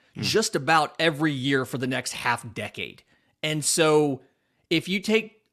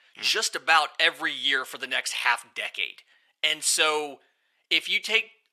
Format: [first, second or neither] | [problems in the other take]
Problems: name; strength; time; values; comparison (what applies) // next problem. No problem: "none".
first | thin; very; fading below 750 Hz